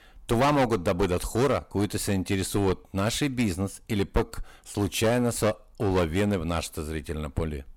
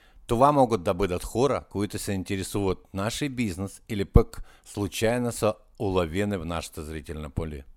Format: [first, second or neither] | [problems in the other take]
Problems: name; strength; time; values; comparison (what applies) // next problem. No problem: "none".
second | distortion; heavy; 10% of the sound clipped